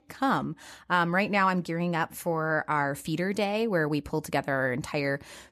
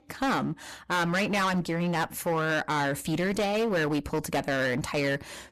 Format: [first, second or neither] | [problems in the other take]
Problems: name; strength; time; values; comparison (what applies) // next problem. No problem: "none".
first | distortion; heavy; 18% of the sound clipped